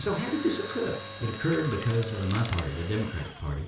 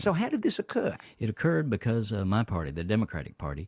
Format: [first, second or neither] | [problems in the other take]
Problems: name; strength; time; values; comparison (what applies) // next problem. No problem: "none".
second | background sound (Mechanisms); 11 dB below the speech // room echo; dies away in 0.4 s